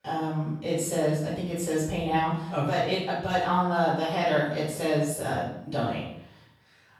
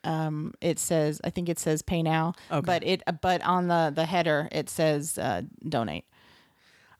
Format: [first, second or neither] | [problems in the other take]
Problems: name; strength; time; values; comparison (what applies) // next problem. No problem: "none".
second | off-mic speech; far // room echo; noticeable; dies away in 0.7 s